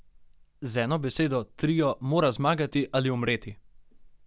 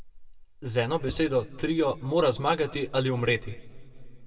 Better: first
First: none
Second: background sound (Writing); 13 dB below the speech // room echo; dies away in 1.3 s

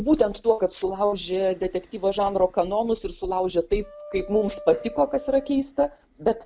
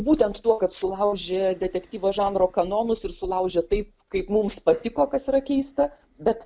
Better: second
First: background sound (Wind instrument, woodwind instrument); 18 dB below the speech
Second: none

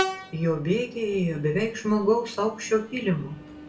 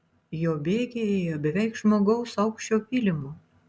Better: second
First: background sound (Train); 11 dB below the speech // room echo; dies away in 0.3 s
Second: none

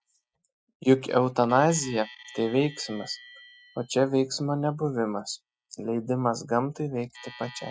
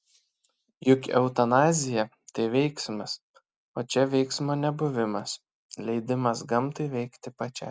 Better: second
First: noise reduction (classical method Wiener filter)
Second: none

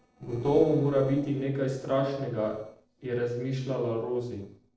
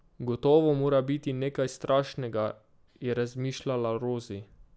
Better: second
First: noise reduction (neural separator model SepFormer DNS4)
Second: none

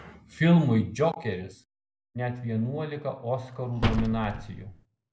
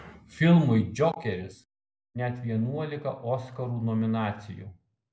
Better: second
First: background sound (Slam); 3 dB below the speech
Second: none

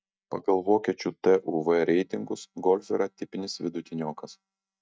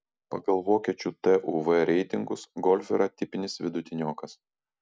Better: second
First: noise reduction (neural mask model DeepFilterNet 3)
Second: none

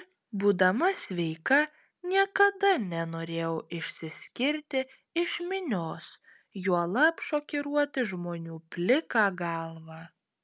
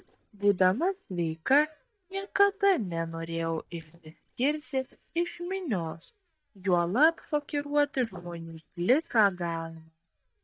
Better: first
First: none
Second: noise reduction (neural mask model DeepFilterNet 3)

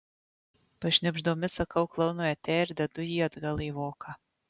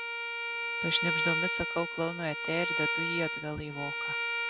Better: first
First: none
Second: background sound (Bowed string instrument); 3 dB above the speech

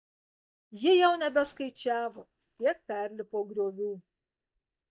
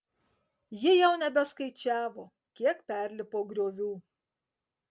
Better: second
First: noise reduction (neural mask model DeepFilterNet 3)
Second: none

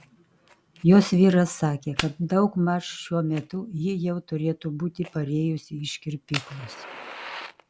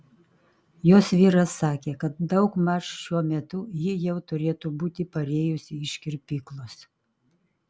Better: second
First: background sound (Fire); 17 dB below the speech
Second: none

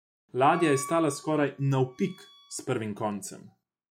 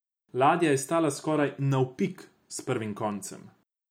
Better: second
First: noise reduction (classical method log-MMSE)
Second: none

